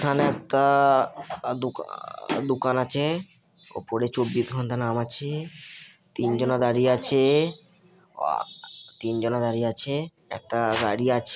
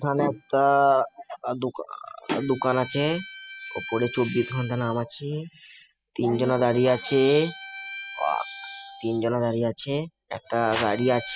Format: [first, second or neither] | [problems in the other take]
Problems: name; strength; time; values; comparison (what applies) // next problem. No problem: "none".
first | noise reduction (classical method spectral subtraction)